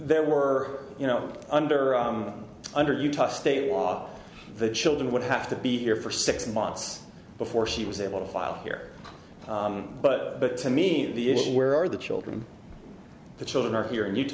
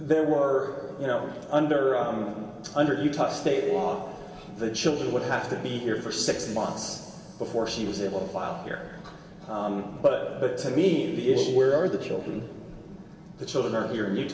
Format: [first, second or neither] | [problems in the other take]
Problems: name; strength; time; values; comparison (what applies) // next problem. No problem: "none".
first | room echo; dies away in 2.4 s